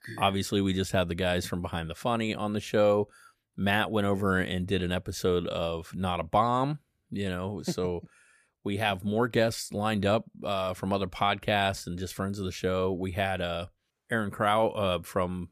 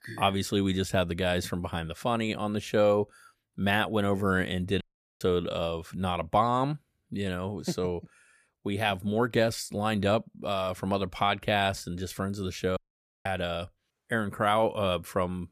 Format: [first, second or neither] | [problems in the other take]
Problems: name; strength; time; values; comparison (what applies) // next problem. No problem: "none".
first | audio cutting out; at 5 s and at 13 s